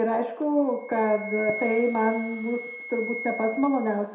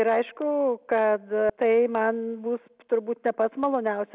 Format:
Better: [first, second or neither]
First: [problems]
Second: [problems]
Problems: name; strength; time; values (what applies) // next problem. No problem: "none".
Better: second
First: background sound (Wind instrument, woodwind instrument); 12 dB below the speech // room echo; dies away in 0.5 s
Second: none